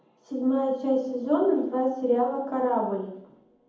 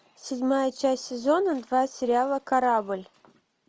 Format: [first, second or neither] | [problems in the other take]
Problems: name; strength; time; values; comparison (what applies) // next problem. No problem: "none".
second | room echo; dies away in 0.8 s